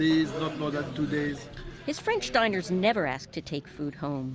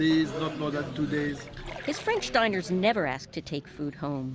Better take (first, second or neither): first